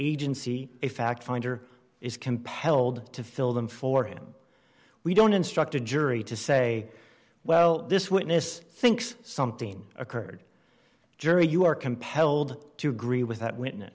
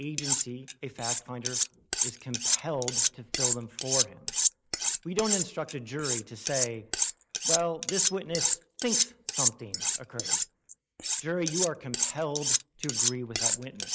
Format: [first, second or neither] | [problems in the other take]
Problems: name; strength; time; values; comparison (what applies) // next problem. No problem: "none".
first | noise reduction (neural mask model Resemble Enhance denoiser)